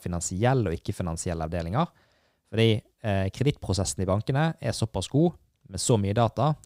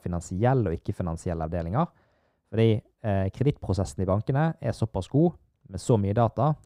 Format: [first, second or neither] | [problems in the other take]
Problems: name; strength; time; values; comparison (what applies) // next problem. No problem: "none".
first | muffled; slightly; fading above 2 kHz